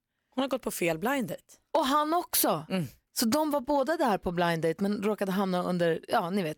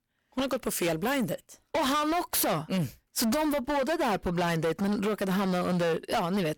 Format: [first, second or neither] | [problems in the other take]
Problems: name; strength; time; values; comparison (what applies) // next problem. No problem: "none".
first | distortion; heavy; 23% of the sound clipped